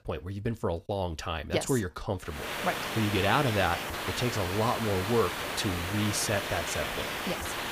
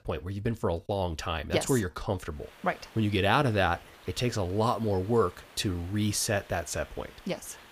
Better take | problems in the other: second | hiss; loud; from 2.5 s on; 2 dB below the speech; faint in the second

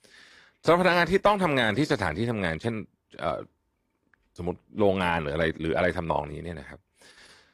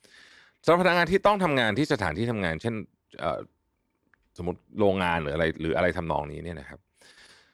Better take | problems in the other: second | garbled, watery; slightly

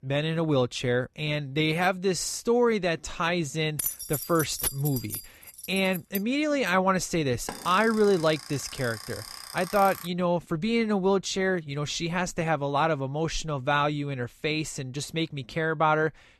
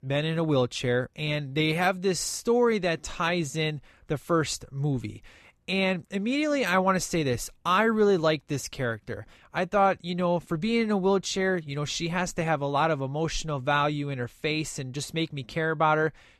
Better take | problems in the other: second | jangling keys; noticeable; from 4 to 6 s; peak 3 dB below the speech // alarm; faint; from 7.5 to 10 s; peak 10 dB below the speech

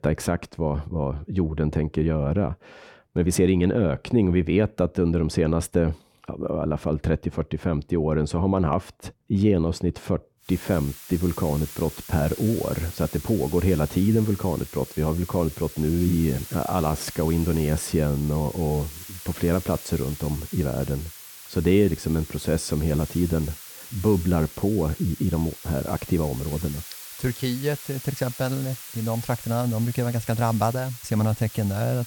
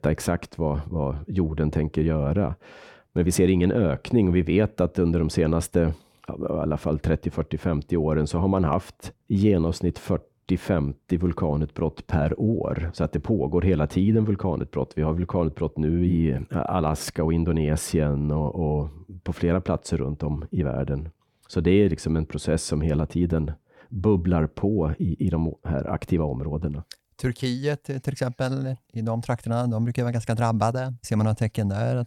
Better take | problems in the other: second | hiss; noticeable; from 10 s on; 15 dB below the speech

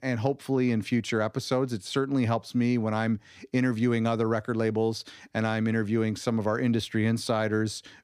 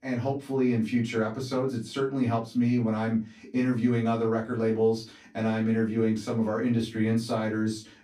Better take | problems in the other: first | room echo; slight; dies away in 0.2 s // off-mic speech; far

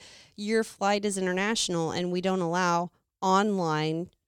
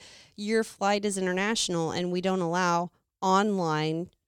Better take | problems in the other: neither | none

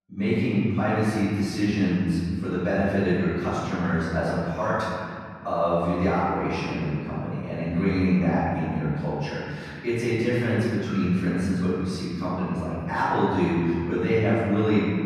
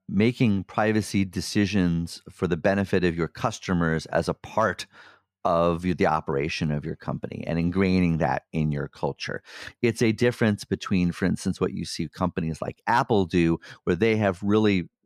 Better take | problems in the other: second | off-mic speech; far // room echo; strong; dies away in 2.4 s

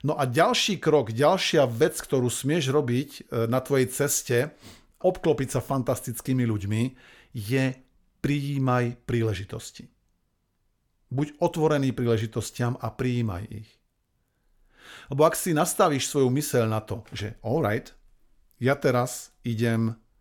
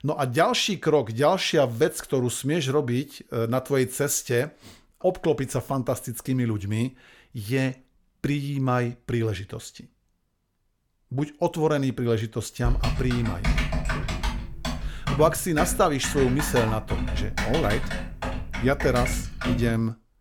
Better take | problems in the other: first | keyboard typing; noticeable; from 13 s on; peak level with the speech

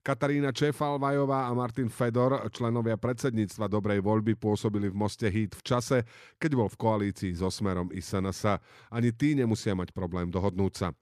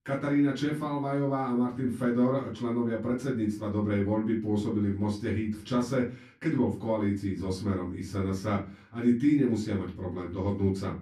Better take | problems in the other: first | off-mic speech; far // room echo; slight; dies away in 0.3 s

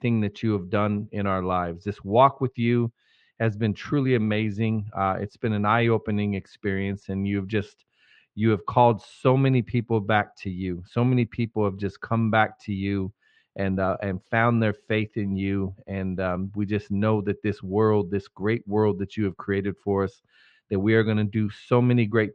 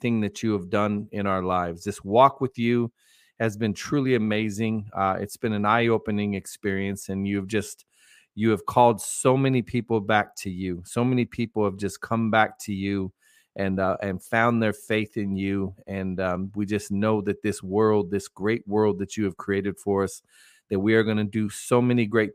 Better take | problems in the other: second | muffled; slightly; fading above 4 kHz

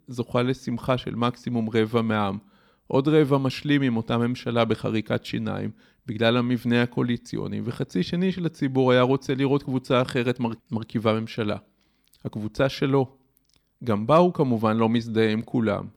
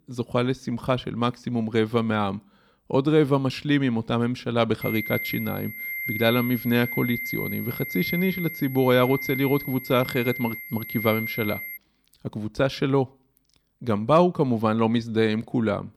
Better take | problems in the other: first | high-pitched whine; loud; from 5 to 12 s; 2 kHz, 7 dB below the speech

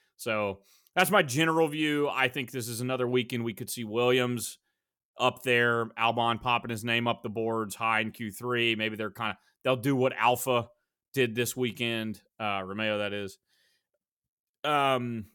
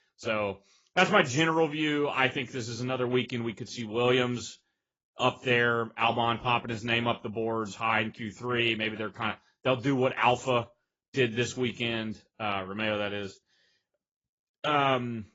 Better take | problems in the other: first | garbled, watery; badly; nothing above 7.5 kHz

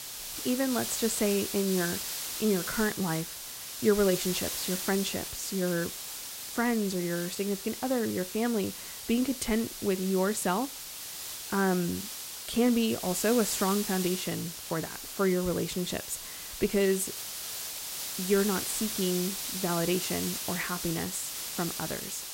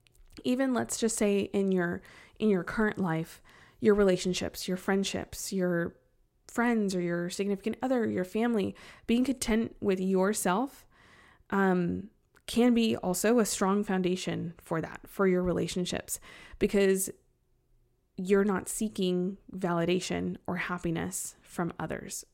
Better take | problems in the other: second | hiss; loud; throughout; 5 dB below the speech

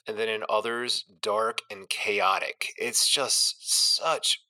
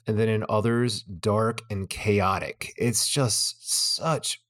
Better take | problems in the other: second | thin; very; fading below 600 Hz

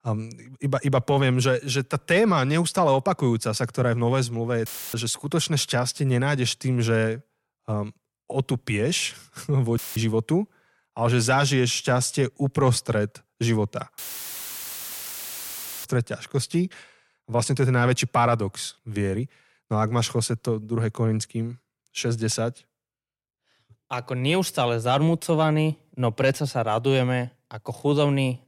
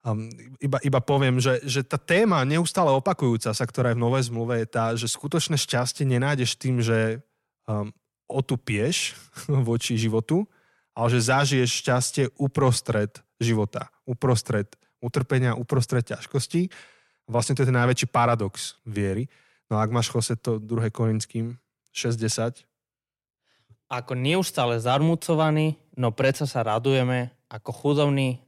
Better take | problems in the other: second | audio cutting out; filled with static; at 4.5 s, at 10 s and at 14 s for 2 s

